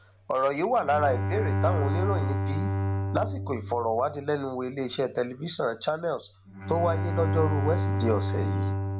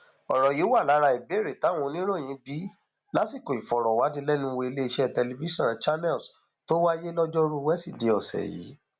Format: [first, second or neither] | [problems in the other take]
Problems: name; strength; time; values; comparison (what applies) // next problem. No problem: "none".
second | background sound (Bowed string instrument); as loud as the speech